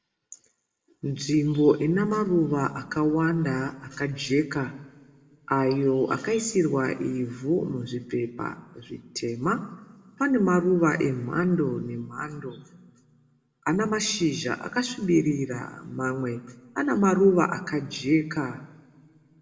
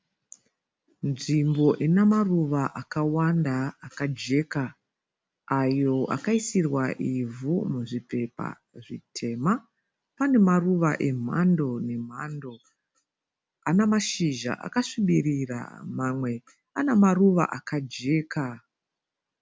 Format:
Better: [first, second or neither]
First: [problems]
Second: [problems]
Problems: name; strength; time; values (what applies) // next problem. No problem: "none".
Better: second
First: room echo; dies away in 0.9 s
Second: none